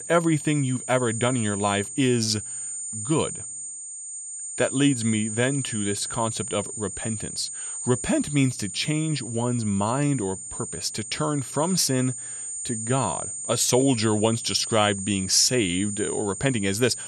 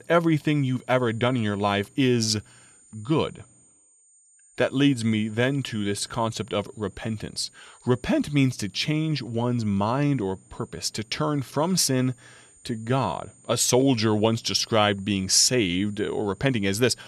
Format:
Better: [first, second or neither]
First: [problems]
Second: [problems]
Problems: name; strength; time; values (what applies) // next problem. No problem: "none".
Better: second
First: high-pitched whine; loud; throughout; 8.5 kHz, 7 dB below the speech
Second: high-pitched whine; faint; throughout; 8.5 kHz, 30 dB below the speech